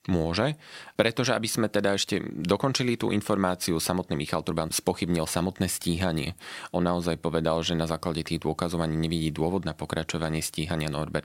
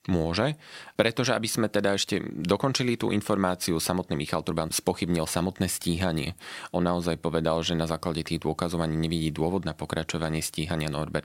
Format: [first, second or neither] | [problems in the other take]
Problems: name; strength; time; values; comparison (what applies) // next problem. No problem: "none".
neither | none